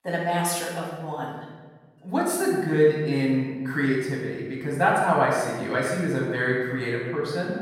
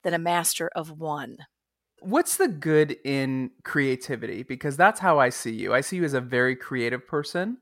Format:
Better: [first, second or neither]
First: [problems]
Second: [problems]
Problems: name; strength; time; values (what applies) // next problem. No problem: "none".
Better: second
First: off-mic speech; far // room echo; strong; dies away in 1.3 s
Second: none